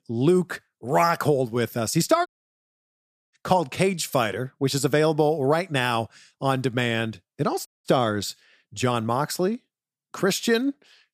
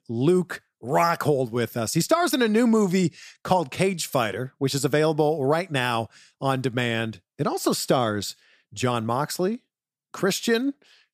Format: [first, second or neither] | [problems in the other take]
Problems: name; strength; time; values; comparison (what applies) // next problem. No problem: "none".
second | audio cutting out; at 2.5 s for 1 s and at 7.5 s